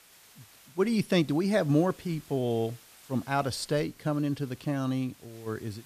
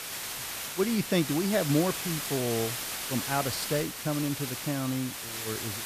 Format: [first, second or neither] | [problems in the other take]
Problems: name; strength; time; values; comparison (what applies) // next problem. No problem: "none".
first | hiss; loud; throughout; 3 dB below the speech; faint in the first